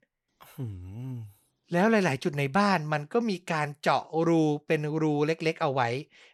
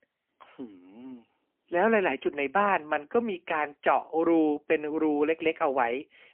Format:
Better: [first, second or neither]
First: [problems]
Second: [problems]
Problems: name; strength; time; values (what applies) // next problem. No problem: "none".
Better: first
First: none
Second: phone-call audio; poor line; nothing above 3 kHz